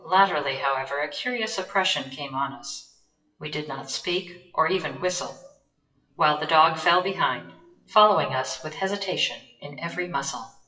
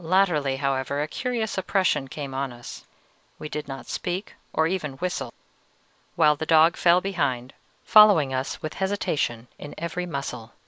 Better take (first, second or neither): second